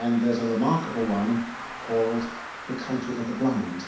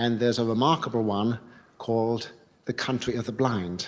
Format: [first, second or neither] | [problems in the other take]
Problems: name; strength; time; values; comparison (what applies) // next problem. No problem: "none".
second | background sound (Traffic noise, roadway noise); 12 dB below the speech // room echo; dies away in 0.6 s